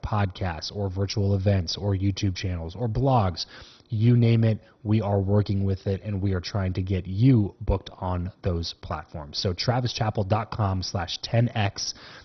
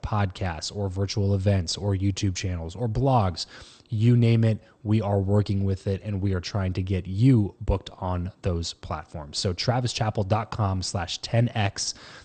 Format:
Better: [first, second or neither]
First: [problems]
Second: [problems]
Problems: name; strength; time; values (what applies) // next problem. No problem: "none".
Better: second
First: garbled, watery; badly; nothing above 6 kHz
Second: garbled, watery; slightly; nothing above 8.5 kHz